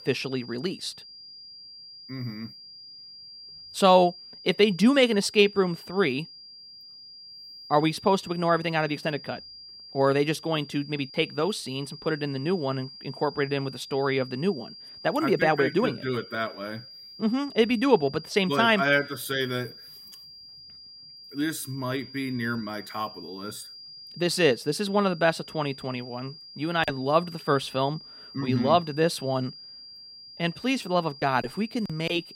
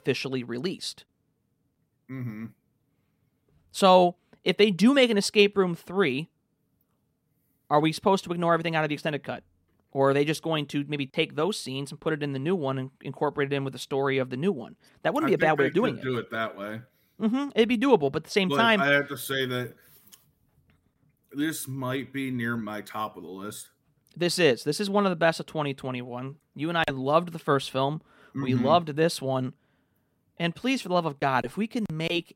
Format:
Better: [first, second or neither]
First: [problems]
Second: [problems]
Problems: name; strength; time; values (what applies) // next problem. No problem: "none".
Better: second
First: high-pitched whine; noticeable; throughout; 5 kHz, 15 dB below the speech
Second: none